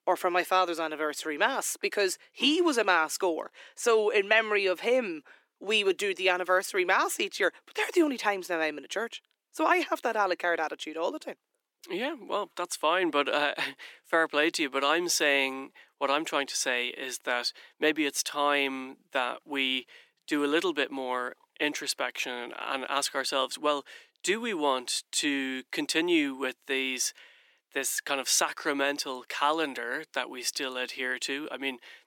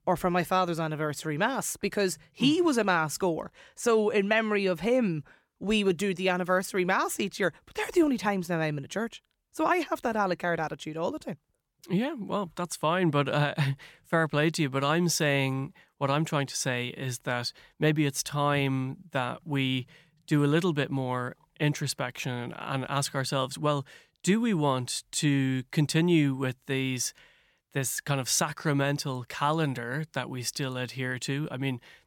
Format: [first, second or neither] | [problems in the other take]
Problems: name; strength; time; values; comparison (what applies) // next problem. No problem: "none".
second | thin; somewhat; fading below 300 Hz